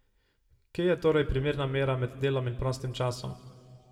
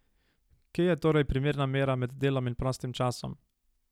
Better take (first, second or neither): second